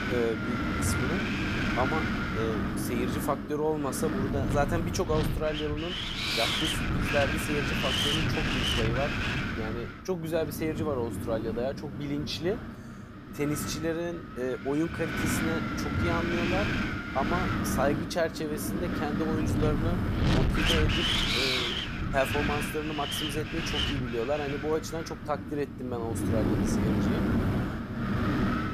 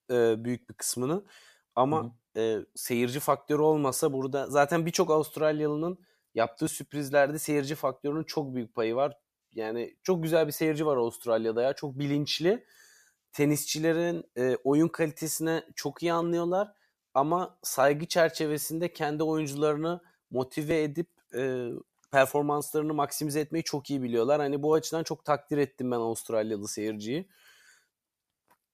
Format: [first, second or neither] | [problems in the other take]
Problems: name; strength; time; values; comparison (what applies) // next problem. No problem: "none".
second | wind noise on the microphone; heavy; 2 dB above the speech